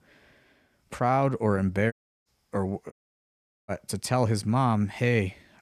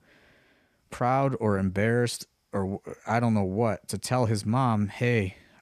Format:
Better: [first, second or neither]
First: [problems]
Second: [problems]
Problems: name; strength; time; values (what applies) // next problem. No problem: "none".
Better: second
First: audio cutting out; at 2 s and at 3 s for 1 s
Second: none